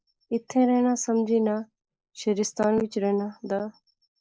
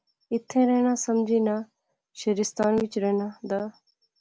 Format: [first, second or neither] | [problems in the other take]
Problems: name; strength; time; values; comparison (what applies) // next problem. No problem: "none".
second | noise reduction (neural mask model Resemble Enhance denoiser)